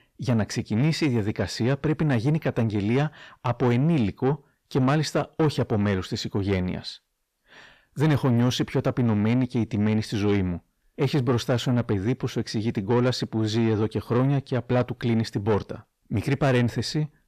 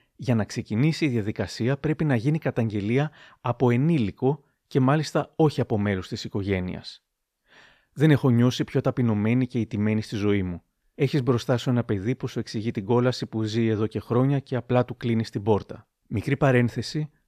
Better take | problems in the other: second | distortion; slight; 10 dB below the speech

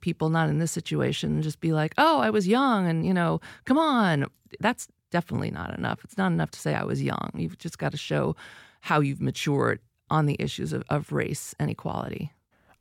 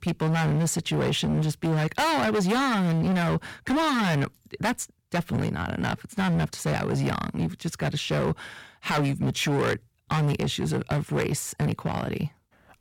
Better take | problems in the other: first | distortion; heavy; 20% of the sound clipped

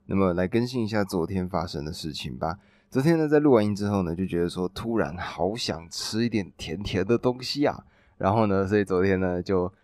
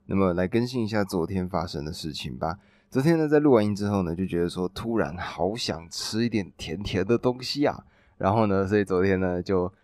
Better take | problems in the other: neither | none

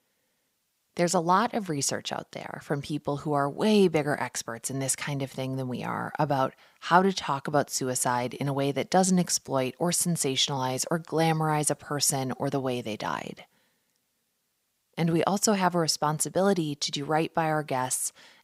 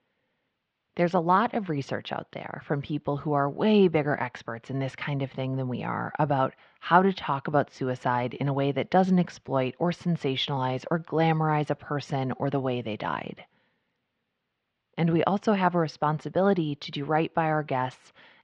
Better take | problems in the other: first | muffled; very; fading above 3 kHz

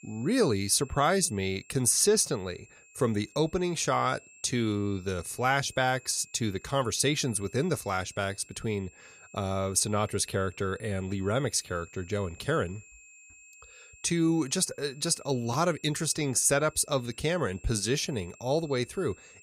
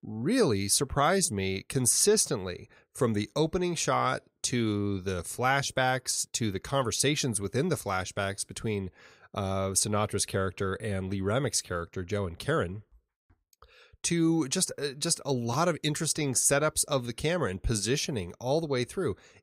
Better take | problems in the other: second | high-pitched whine; faint; throughout; 2.5 kHz, 25 dB below the speech

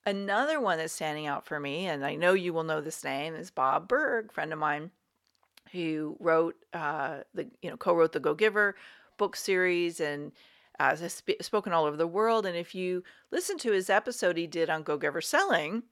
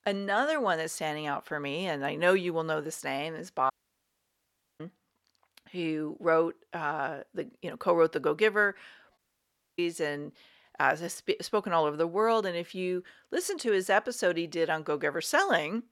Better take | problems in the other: first | audio cutting out; at 3.5 s for 1 s and at 9 s for 0.5 s

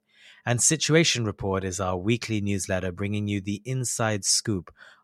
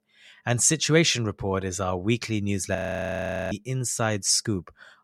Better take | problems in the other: first | audio freezing; at 3 s for 1 s

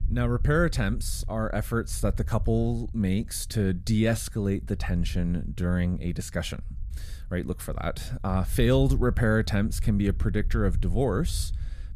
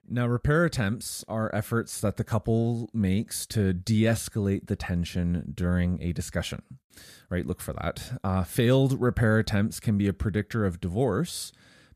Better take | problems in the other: second | low rumble; faint; throughout; 25 dB below the speech

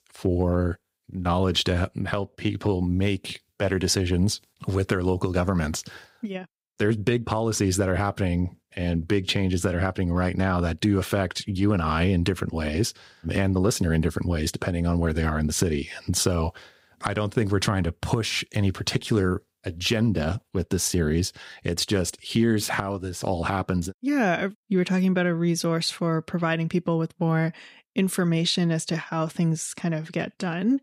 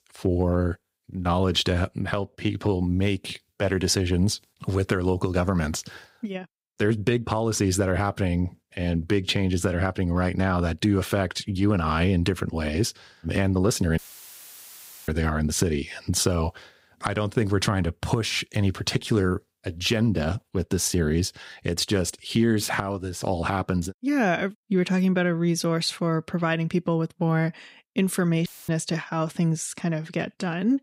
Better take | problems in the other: first | audio cutting out; filled with static; at 14 s for 1 s and at 28 s

